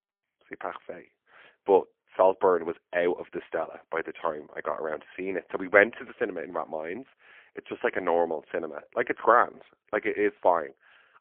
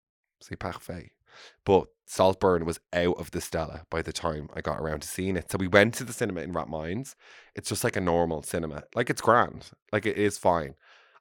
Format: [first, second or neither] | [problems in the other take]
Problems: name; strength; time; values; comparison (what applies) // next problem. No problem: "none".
second | phone-call audio; poor line; nothing above 3.5 kHz